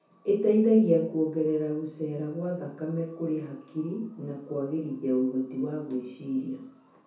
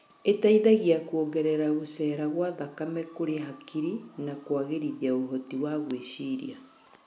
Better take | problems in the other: second | room echo; dies away in 0.6 s

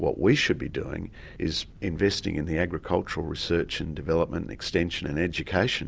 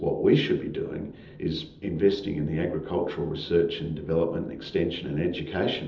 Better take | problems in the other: first | room echo; dies away in 1.2 s

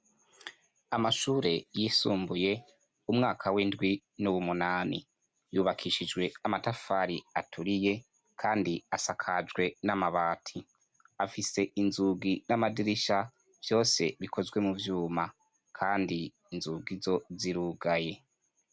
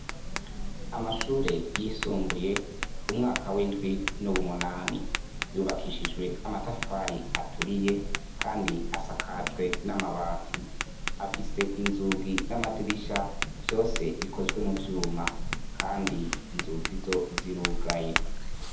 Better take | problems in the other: first | background sound (Tap); 1 dB below the speech // room echo; dies away in 0.7 s

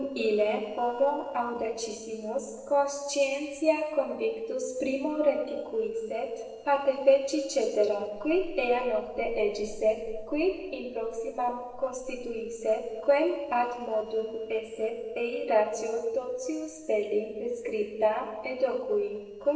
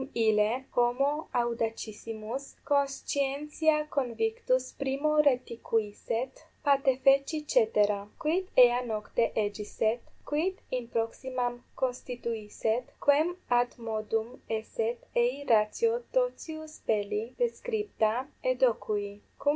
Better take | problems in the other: second | noise reduction (neural separator model SepFormer DNS4)

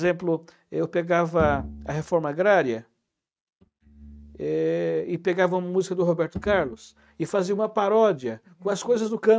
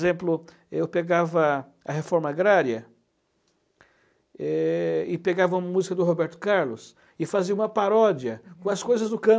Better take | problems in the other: second | noise reduction (neural mask model RNNoise)

